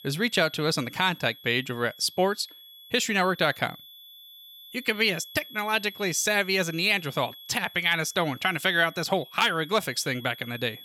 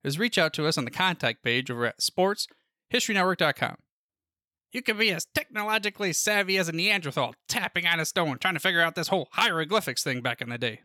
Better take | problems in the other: second | high-pitched whine; noticeable; throughout; 3.5 kHz, 20 dB below the speech

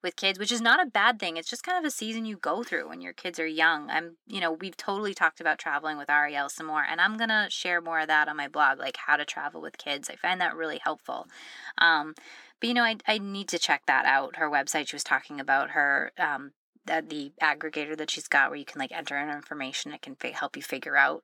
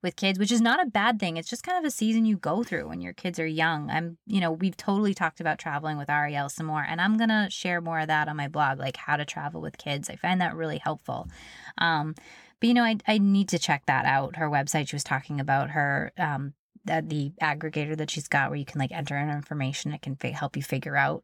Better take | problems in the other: second | thin; somewhat; fading below 300 Hz

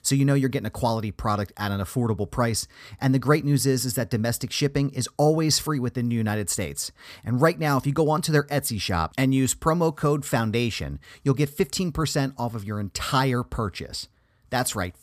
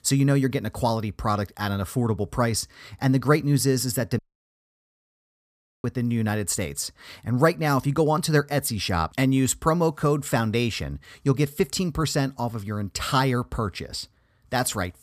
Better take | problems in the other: first | audio cutting out; at 4 s for 1.5 s

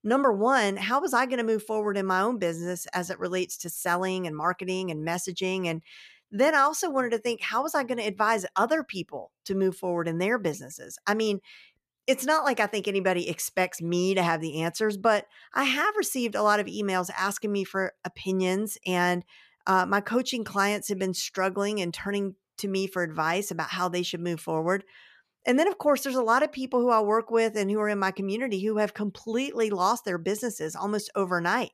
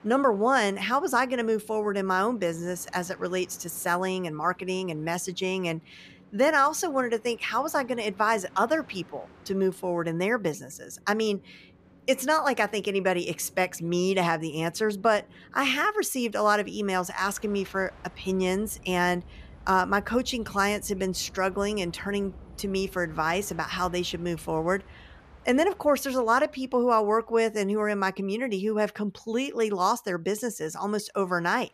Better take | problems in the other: first | train or aircraft noise; faint; throughout; 25 dB below the speech

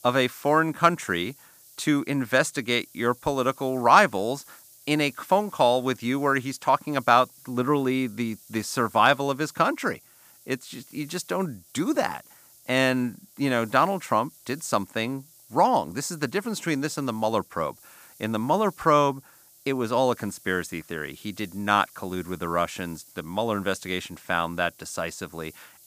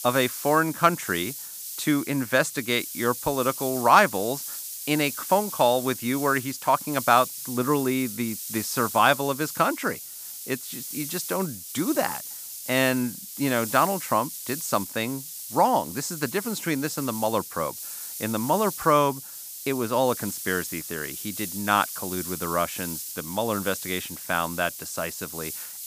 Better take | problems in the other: first | hiss; loud; throughout; 8 dB below the speech; faint in the first

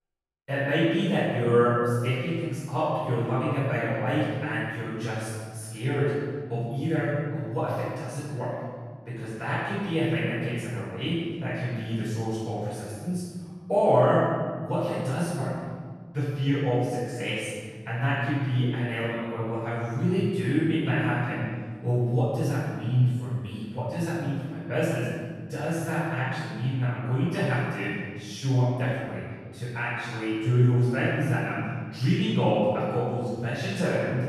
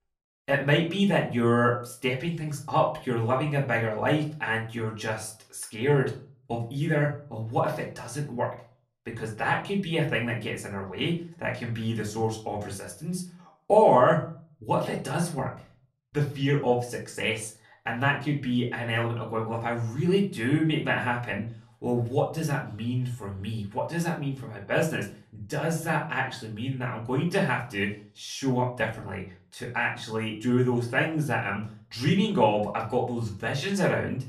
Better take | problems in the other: second | room echo; strong; dies away in 1.7 s; slight in the second // off-mic speech; far; far in the second

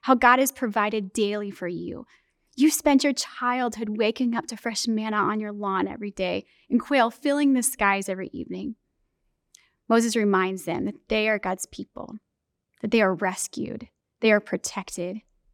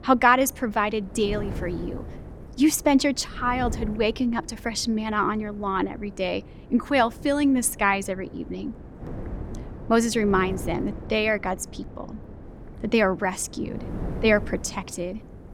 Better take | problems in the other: first | wind noise on the microphone; occasional gusts; 20 dB below the speech

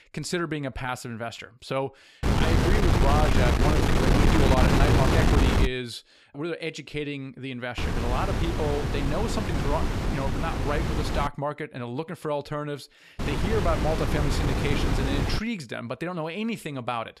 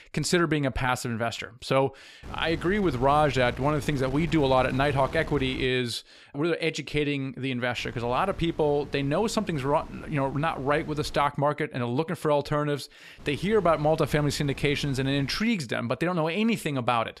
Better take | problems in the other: second | wind noise on the microphone; heavy; from 2 to 5.5 s, from 8 to 11 s and from 13 to 15 s; 1 dB above the speech; occasional gusts in the second

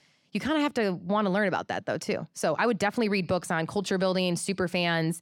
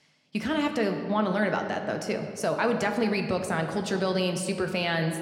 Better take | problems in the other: first | room echo; slight; dies away in 1.5 s

